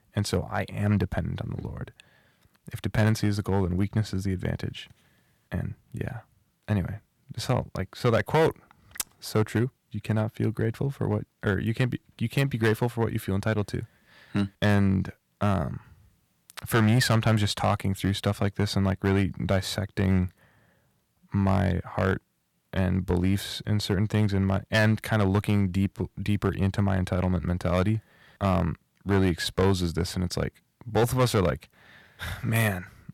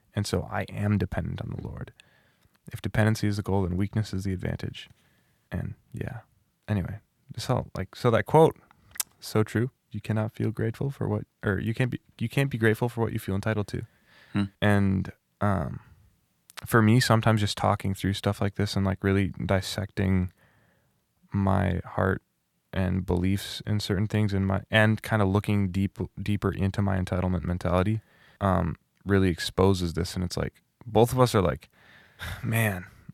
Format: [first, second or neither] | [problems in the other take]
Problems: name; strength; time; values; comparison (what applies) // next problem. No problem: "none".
second | distortion; slight; 3% of the sound clipped